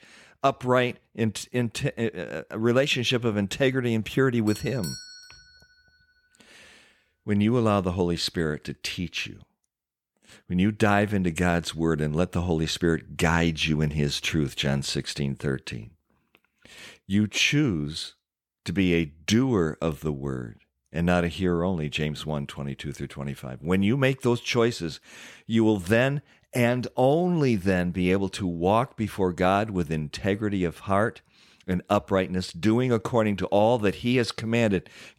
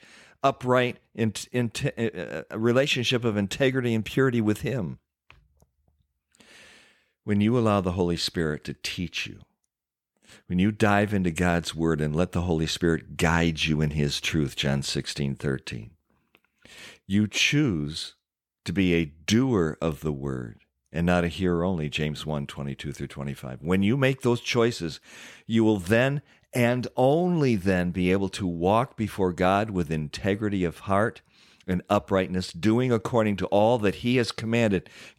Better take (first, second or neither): second